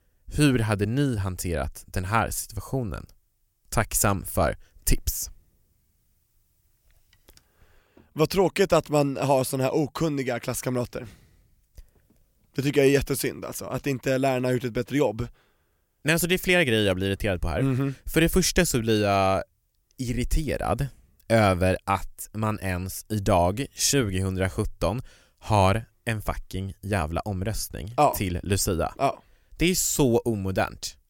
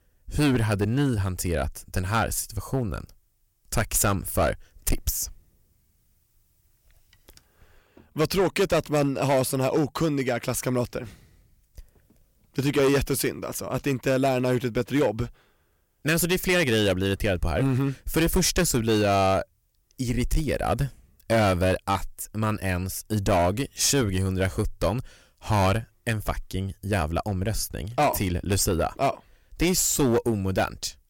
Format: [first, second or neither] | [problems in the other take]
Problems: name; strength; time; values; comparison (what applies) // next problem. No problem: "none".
first | distortion; slight; 6% of the sound clipped